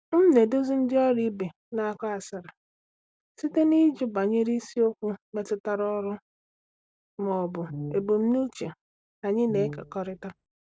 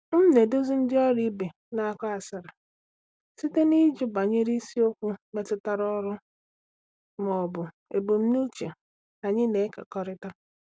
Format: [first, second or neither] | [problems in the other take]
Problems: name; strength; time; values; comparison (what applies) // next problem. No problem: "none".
second | background sound (Brass instrument); 12 dB below the speech